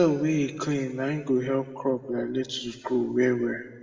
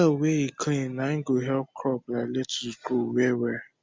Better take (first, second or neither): second